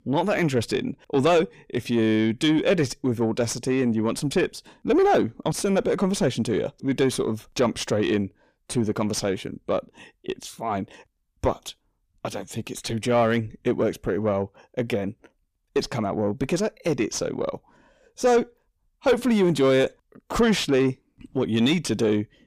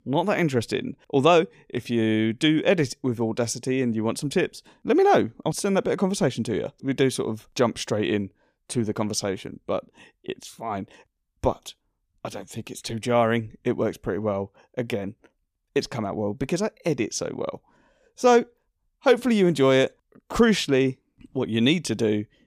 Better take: second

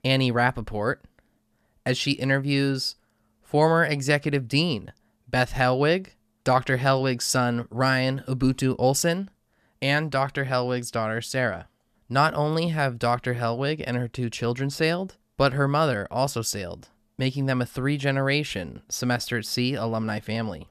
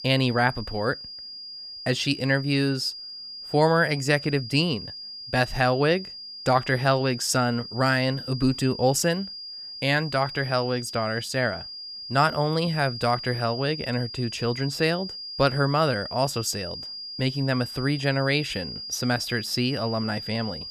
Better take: first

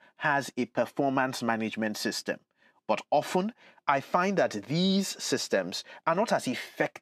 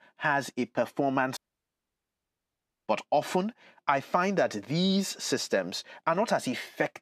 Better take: first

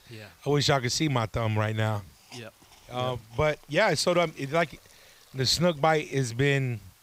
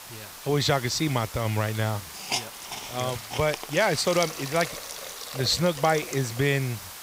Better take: first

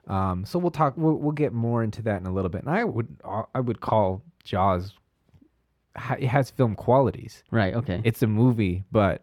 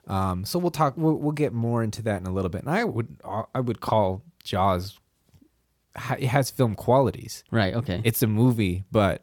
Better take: second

